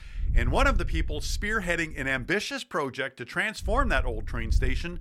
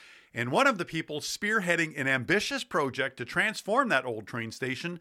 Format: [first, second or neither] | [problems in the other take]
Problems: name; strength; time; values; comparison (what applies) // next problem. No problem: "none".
second | wind noise on the microphone; occasional gusts; until 2.5 s and from 3.5 s on; 25 dB below the speech